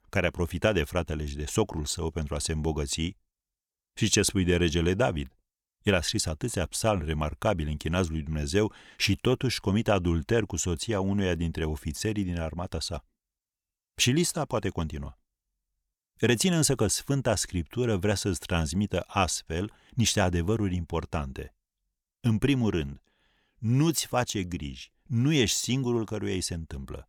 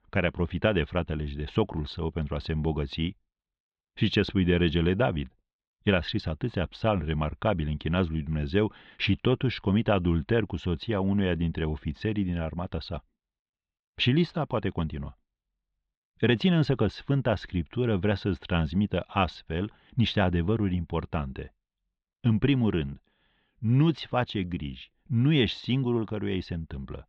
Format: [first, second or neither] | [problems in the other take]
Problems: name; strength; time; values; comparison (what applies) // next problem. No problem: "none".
first | muffled; very; fading above 3.5 kHz